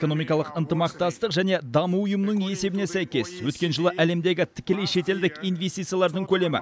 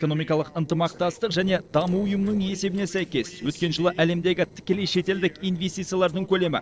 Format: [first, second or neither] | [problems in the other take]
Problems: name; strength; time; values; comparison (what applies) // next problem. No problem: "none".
first | noise reduction (neural separator model SepFormer DNS4)